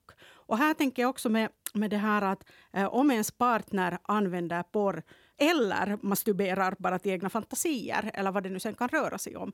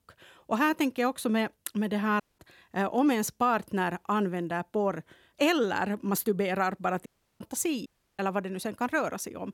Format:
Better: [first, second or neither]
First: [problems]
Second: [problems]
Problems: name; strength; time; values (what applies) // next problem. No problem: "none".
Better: first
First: none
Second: audio cutting out; at 2 s, at 7 s and at 8 s